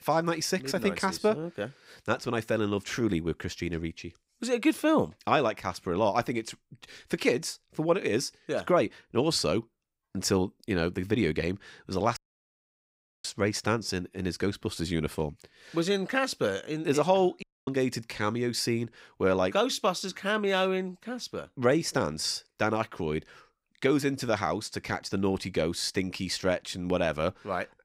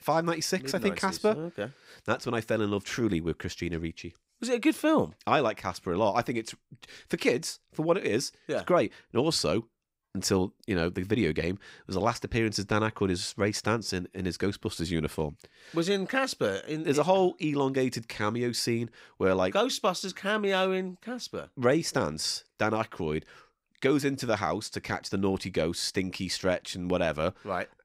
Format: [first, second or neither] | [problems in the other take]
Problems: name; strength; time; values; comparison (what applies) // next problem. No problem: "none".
second | audio cutting out; at 12 s for 1 s and at 17 s